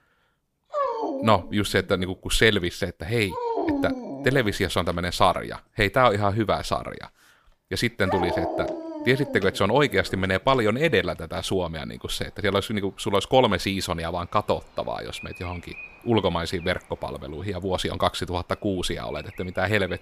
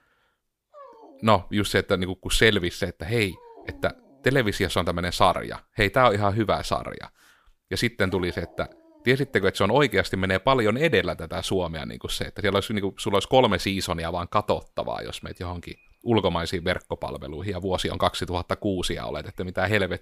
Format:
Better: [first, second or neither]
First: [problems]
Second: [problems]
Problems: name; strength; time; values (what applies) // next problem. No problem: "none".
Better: second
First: animal sounds; loud; throughout; 8 dB below the speech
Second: animal sounds; faint; throughout; 30 dB below the speech